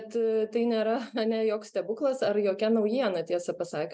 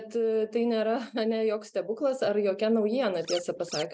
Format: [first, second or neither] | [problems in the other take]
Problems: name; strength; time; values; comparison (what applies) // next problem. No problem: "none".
first | background sound (Scratching (performance technique)); 13 dB below the speech